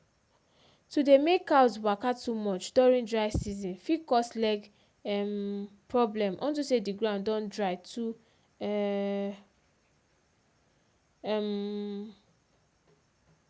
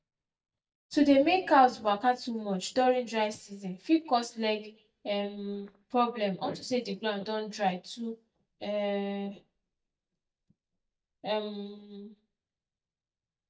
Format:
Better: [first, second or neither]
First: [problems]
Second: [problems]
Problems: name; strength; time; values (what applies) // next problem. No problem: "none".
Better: first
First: none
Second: noise reduction (neural mask model DeepFilterNet 3)